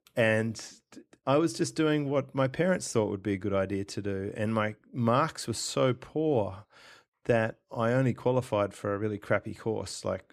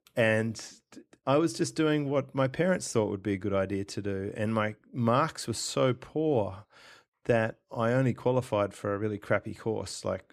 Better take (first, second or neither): neither